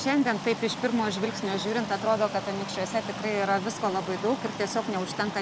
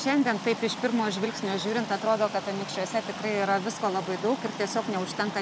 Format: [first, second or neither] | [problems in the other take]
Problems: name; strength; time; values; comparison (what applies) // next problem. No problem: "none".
second | background sound (Race car, auto racing / Accelerating, revving, vroom); 15 dB below the speech